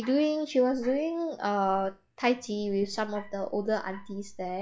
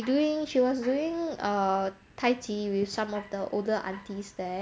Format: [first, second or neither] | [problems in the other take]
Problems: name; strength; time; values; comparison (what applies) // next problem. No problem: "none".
second | noise reduction (classical method log-MMSE)